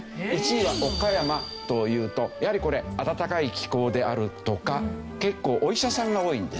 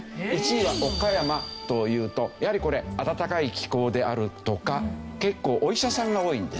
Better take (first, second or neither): second